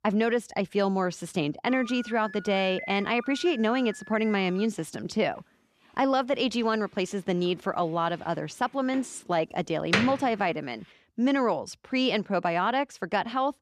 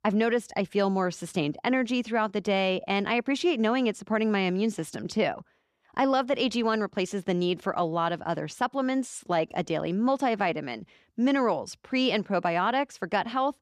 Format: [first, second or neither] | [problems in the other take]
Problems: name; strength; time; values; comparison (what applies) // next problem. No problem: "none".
second | door banging; loud; from 9 to 10 s; peak 1 dB above the speech